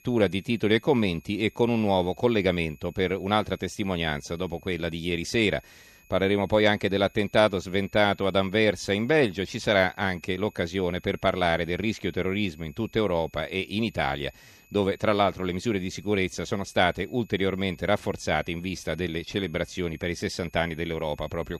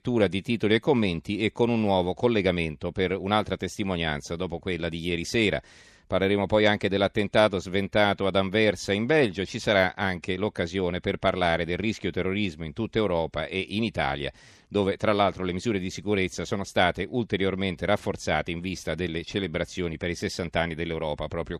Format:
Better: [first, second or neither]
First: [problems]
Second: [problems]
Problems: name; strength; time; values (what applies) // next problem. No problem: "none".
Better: second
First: high-pitched whine; faint; throughout; 2.5 kHz, 30 dB below the speech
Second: none